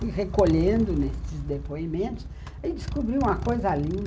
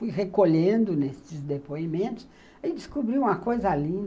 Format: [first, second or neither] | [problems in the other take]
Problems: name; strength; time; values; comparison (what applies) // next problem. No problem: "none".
second | background sound (Motorcycle); 6 dB below the speech